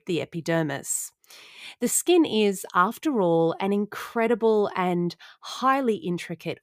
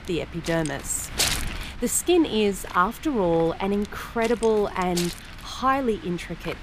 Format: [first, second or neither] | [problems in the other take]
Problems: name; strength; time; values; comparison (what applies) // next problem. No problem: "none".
first | wind noise on the microphone; heavy; 9 dB below the speech